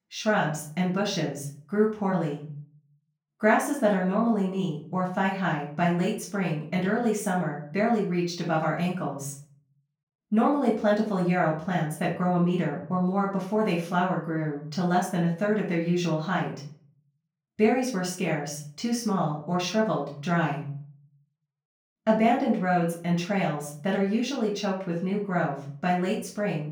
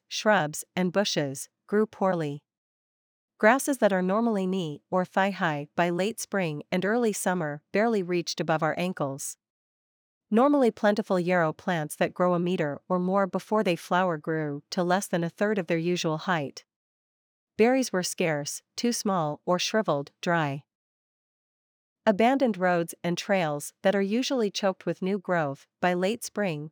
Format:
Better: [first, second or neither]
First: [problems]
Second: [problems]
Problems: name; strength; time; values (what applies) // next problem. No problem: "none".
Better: second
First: off-mic speech; far // room echo; slight; dies away in 0.5 s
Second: none